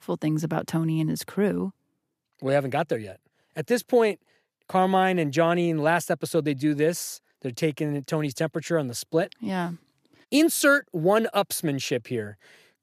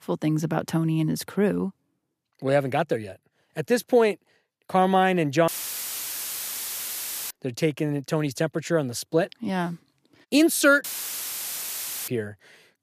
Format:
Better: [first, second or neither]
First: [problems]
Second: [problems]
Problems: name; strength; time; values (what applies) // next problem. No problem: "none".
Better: first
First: none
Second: audio cutting out; filled with static; at 5.5 s for 2 s and at 11 s for 1 s